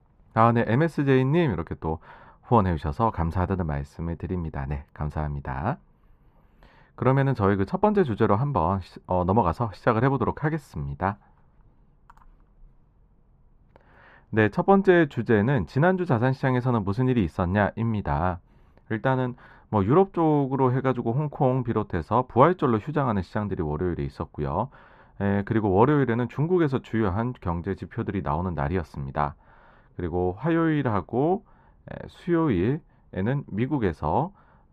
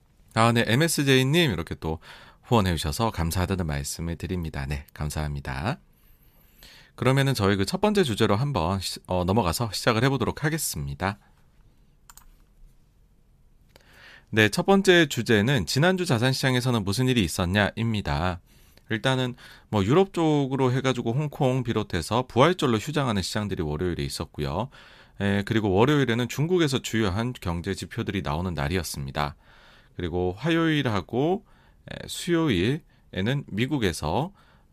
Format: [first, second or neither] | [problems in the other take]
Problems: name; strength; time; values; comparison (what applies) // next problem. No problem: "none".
second | muffled; very; fading above 3 kHz